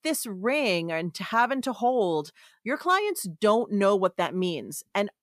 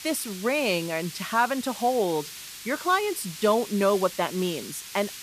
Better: first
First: none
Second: hiss; noticeable; throughout; 10 dB below the speech

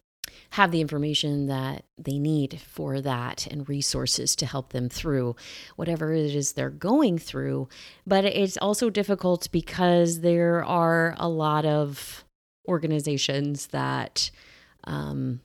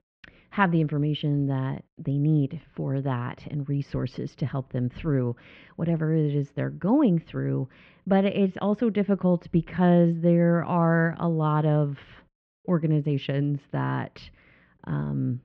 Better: first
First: none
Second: muffled; very; fading above 2.5 kHz

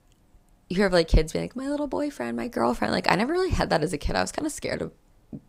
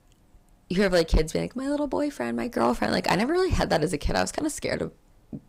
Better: first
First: none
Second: distortion; slight; 2% of the sound clipped

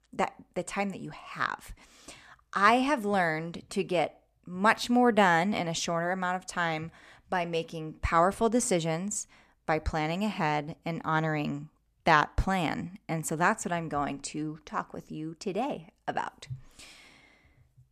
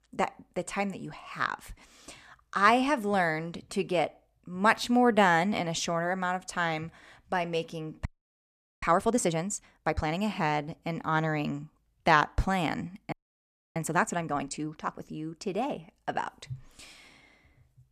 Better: first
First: none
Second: audio freezing; at 8 s for 1 s and at 13 s for 0.5 s

